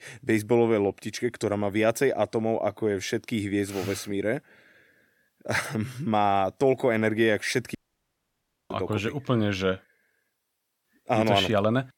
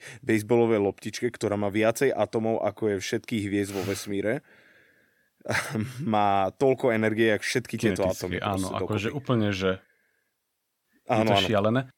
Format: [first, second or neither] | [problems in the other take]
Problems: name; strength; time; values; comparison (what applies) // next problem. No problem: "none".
second | audio cutting out; at 8 s for 1 s